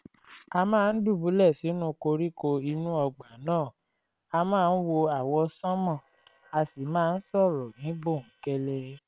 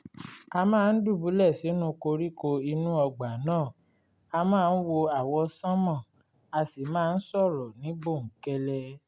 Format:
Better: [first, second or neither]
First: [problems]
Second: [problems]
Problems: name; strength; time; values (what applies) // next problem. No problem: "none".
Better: second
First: noise reduction (neural separator model SepFormer WHAM!)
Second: none